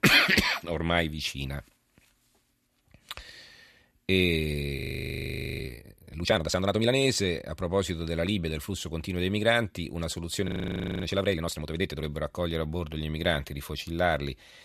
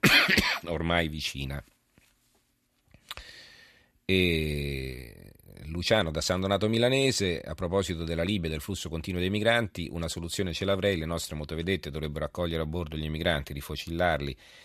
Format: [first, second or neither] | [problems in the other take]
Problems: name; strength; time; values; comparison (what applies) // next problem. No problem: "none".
second | audio freezing; at 5 s for 1 s and at 10 s for 0.5 s